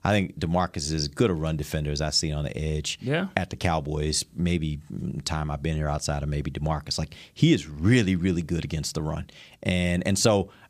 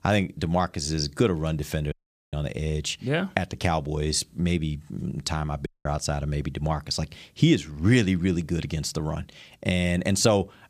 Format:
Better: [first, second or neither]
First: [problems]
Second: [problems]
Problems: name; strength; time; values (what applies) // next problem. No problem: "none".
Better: first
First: none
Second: audio cutting out; at 2 s and at 5.5 s